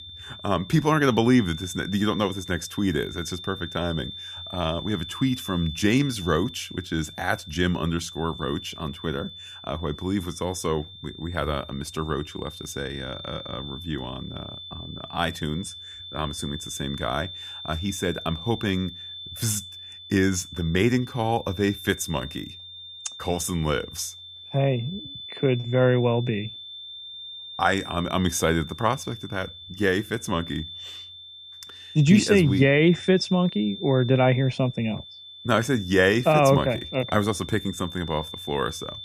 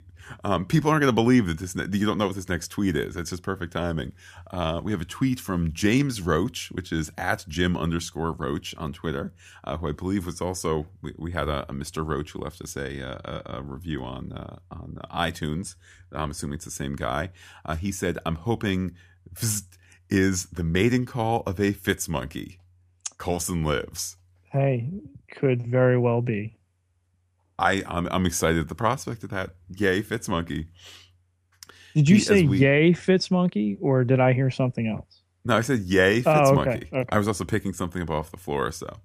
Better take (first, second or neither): second